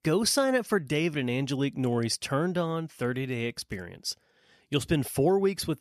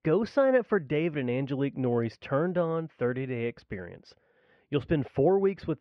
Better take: first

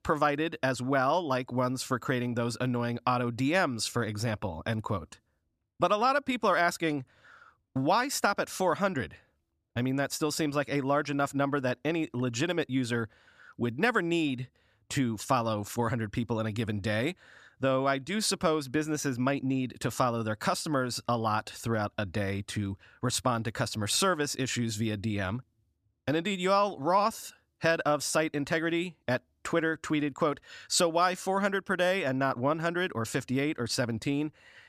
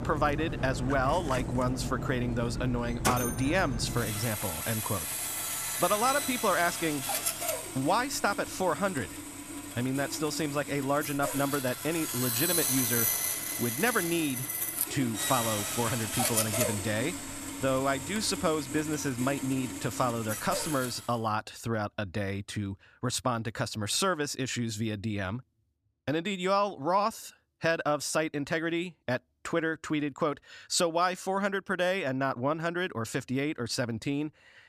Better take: first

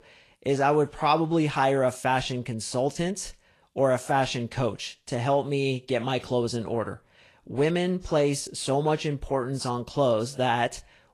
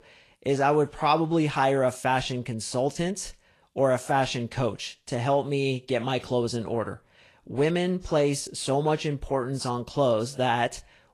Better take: neither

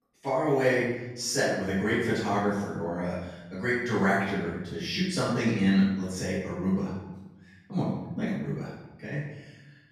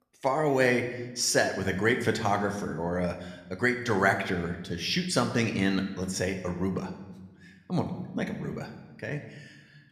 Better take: second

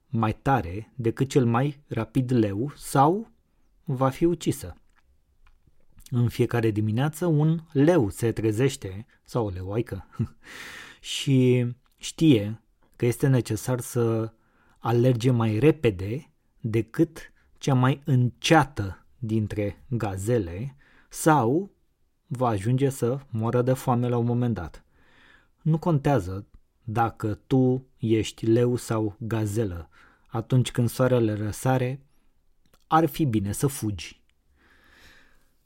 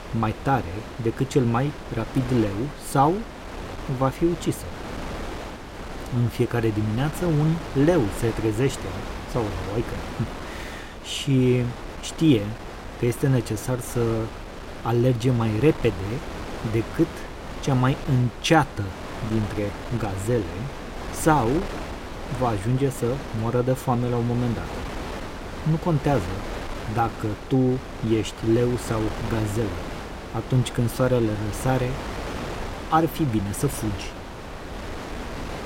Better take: first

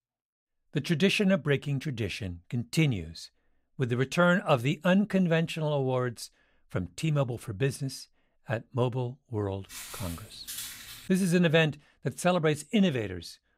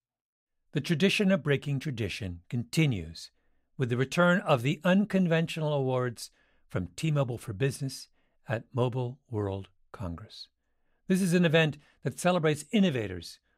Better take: second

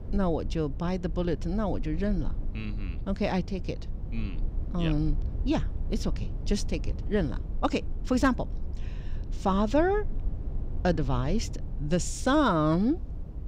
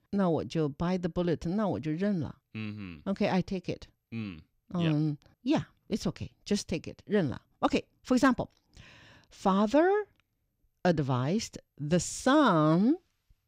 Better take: second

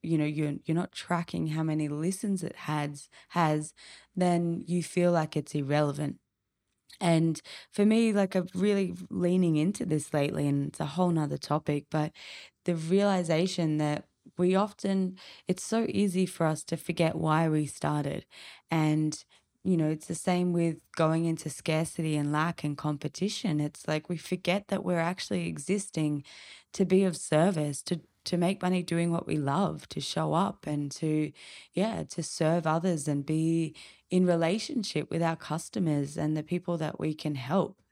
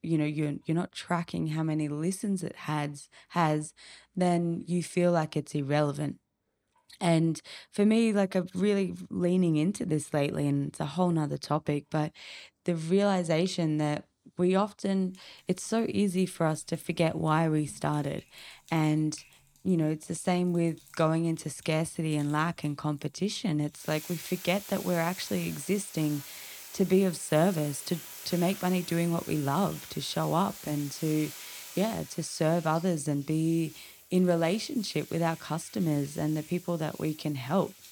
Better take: first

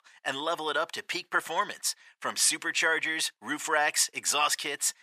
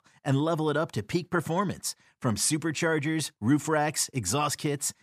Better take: second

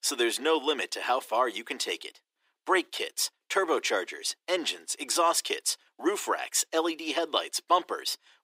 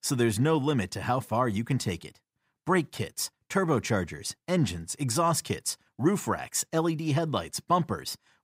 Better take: second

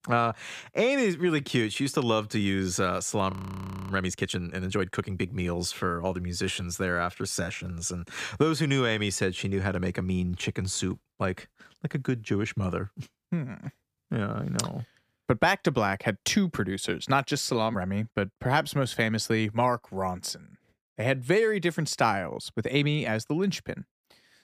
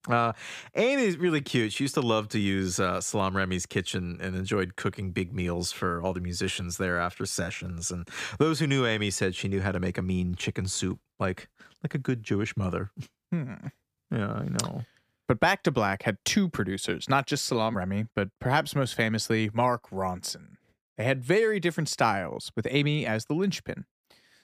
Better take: second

